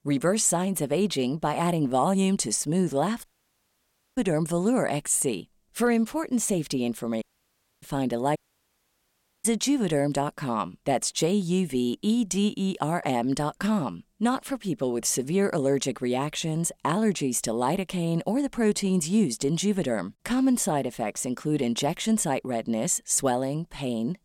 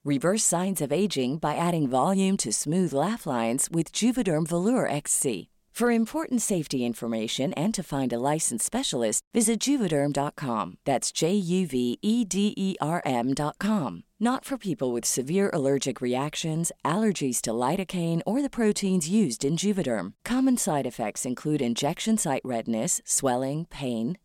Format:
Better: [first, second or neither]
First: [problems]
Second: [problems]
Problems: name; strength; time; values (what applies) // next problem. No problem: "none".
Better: second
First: audio cutting out; at 3 s for 1 s, at 7 s for 0.5 s and at 8.5 s for 1 s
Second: none